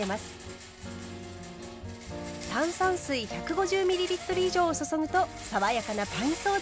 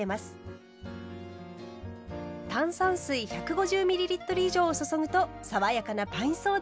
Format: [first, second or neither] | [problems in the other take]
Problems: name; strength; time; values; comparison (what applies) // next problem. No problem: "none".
second | background sound (Rattle); 14 dB below the speech